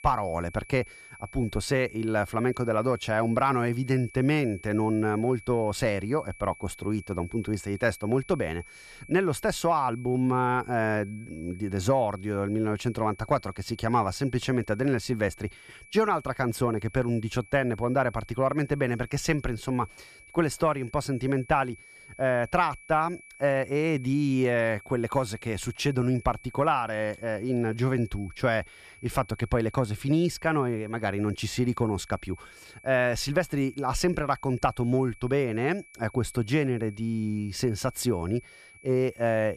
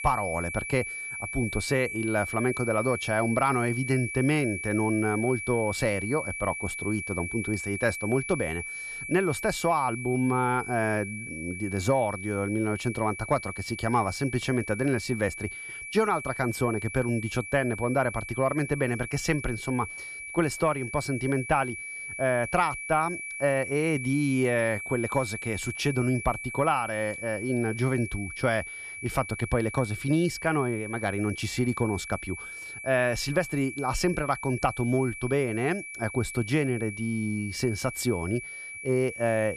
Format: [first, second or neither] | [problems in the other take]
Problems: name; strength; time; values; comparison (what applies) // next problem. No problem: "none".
first | high-pitched whine; loud; throughout; 2.5 kHz, 7 dB below the speech; faint in the first